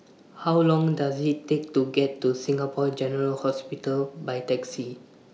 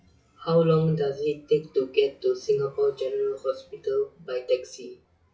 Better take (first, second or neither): first